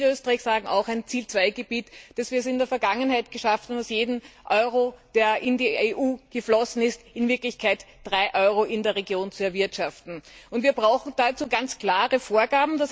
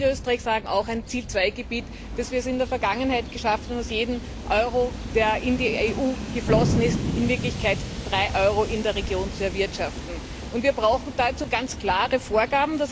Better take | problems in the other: first | background sound (Thunder + Train); 6 dB below the speech

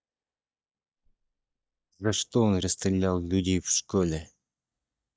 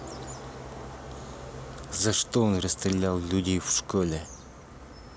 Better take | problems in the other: second | noise reduction (neural mask model DeepFilterNet 3)

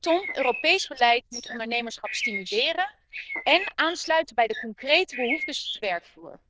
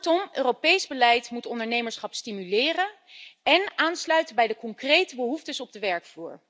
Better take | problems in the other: second | noise reduction (neural diffusion model UNIVERSE++)

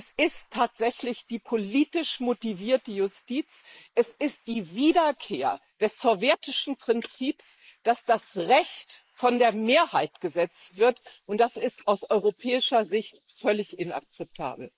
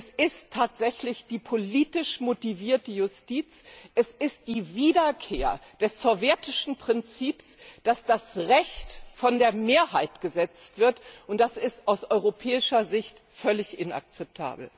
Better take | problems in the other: second | noise reduction (neural mask model Resemble Enhance denoiser)

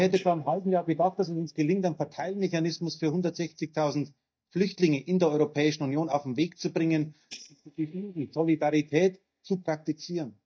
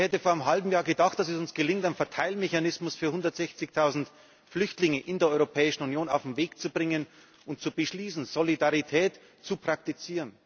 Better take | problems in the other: second | noise reduction (neural mask model DeepFilterNet 3)

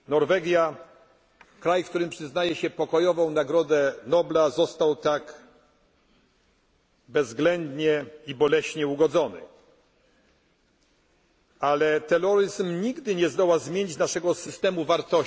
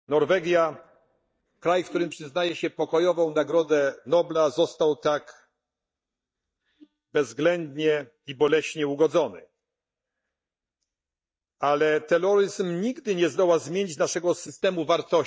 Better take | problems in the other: first | noise reduction (neural mask model DeepFilterNet 3)

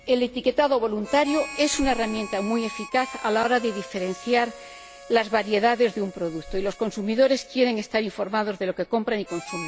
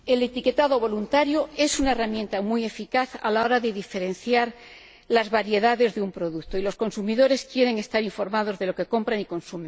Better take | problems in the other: second | background sound (Harmonica); 17 dB below the speech

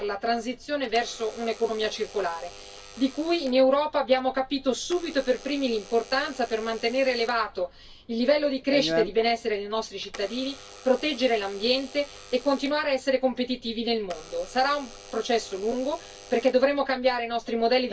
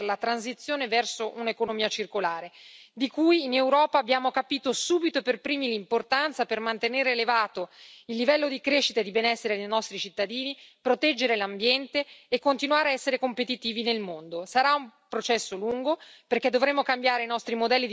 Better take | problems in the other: second | background sound (Alarm / Door); 16 dB below the speech // room echo; dies away in 0.1 s

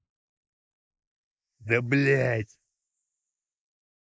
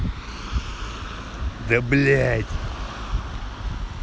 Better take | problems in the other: second | noise reduction (neural mask model Resemble Enhance denoiser)

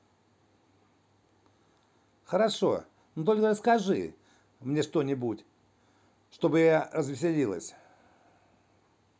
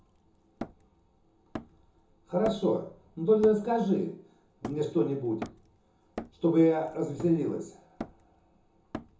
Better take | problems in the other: first | background sound (Hammer); 15 dB below the speech // room echo; dies away in 0.7 s

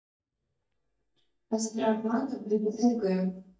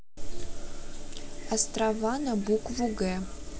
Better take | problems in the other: second | noise reduction (neural mask model DeepFilterNet 3)

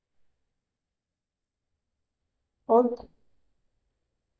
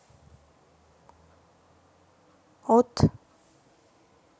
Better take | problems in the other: second | noise reduction (neural mask model DeepFilterNet 3)

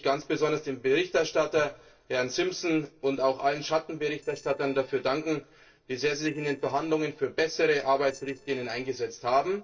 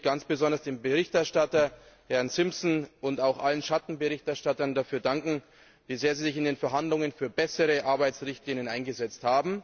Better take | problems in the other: second | noise reduction (neural separator model SepFormer DNS4)

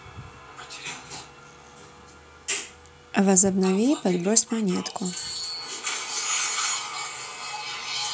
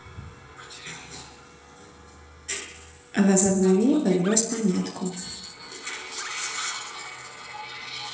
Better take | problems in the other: first | noise reduction (neural separator model SepFormer DNS4)

